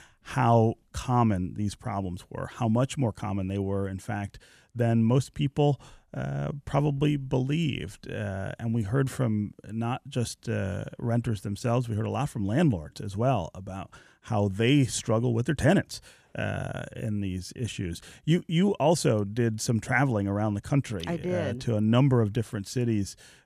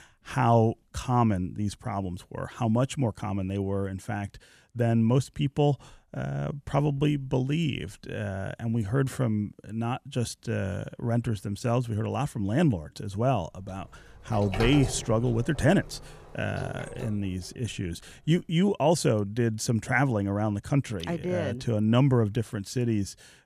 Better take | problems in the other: first | door banging; noticeable; from 14 to 17 s; peak 4 dB below the speech

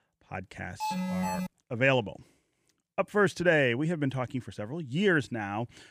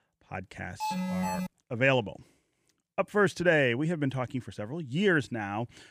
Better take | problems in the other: neither | alarm; noticeable; at 1 s; peak 3 dB below the speech; the same in both

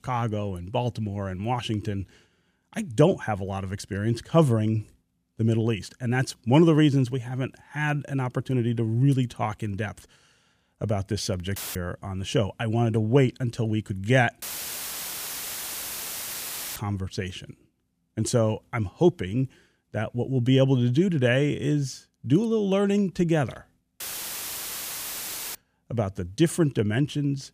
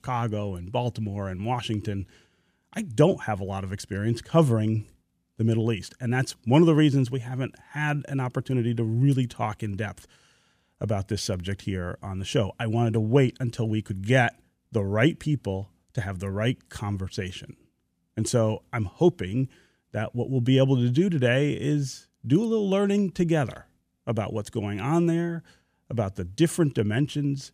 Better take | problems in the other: second | audio cutting out; filled with static; at 12 s, at 14 s for 2.5 s and at 24 s for 1.5 s

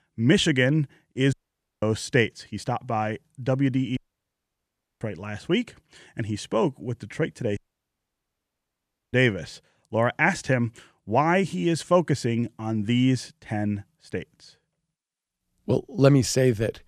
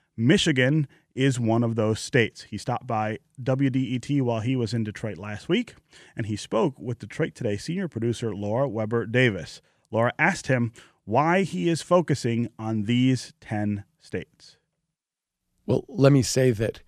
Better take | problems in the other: second | audio cutting out; at 1.5 s, at 4 s for 1 s and at 7.5 s for 1.5 s

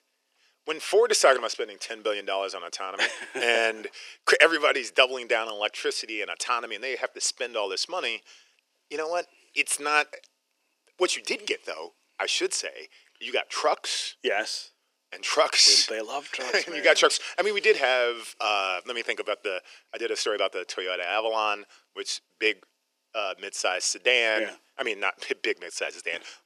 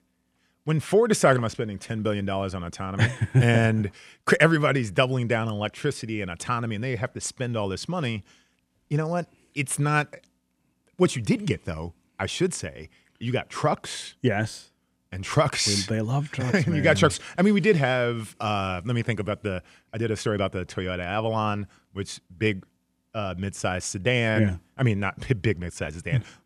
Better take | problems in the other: second | thin; very; fading below 400 Hz

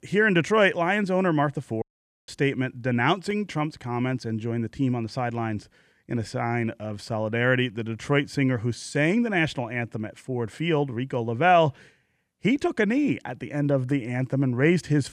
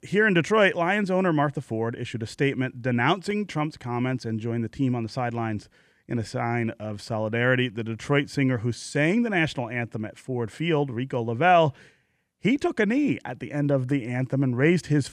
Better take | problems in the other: second | audio cutting out; at 2 s

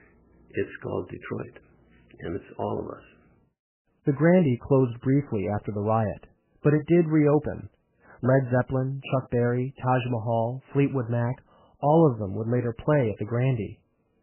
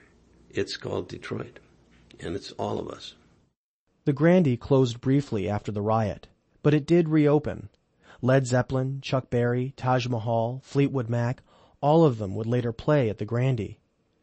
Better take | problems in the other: second | garbled, watery; badly; nothing above 3 kHz; slightly in the second

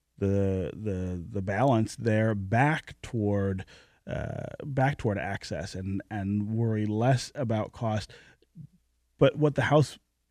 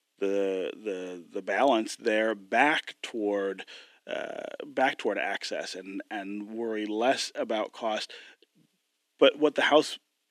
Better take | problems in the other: first | thin; somewhat; fading below 300 Hz

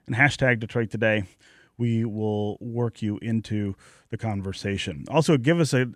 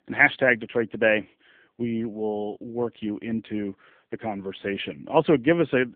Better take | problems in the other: first | phone-call audio; poor line

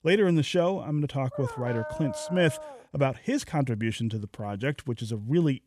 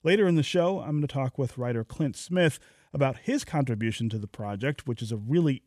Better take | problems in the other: second | dog barking; noticeable; from 1.5 to 3 s; peak 8 dB below the speech

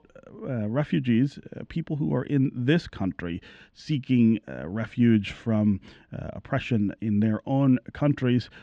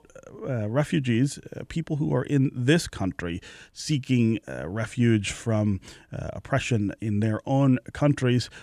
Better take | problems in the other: second | muffled; slightly; fading above 4 kHz

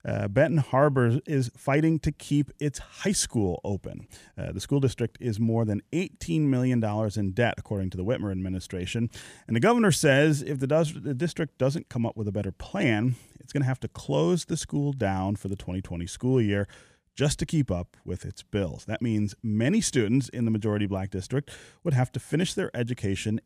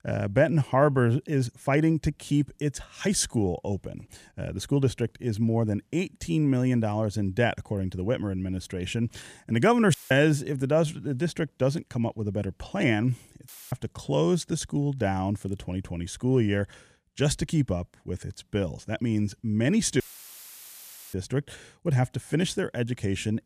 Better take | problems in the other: first | audio cutting out; filled with static; at 10 s, at 13 s and at 20 s for 1 s

